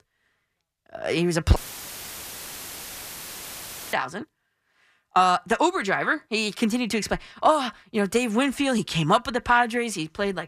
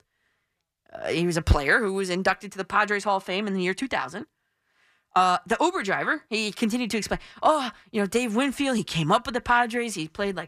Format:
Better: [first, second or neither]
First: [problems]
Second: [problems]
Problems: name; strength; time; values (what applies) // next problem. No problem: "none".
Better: second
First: audio cutting out; filled with static; at 1.5 s for 2.5 s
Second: none